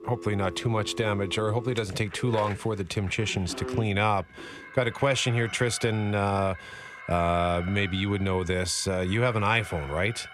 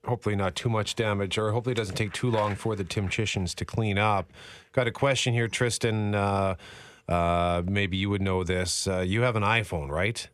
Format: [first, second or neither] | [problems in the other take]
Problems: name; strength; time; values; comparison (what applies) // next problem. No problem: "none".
second | alarms or sirens; noticeable; throughout; 15 dB below the speech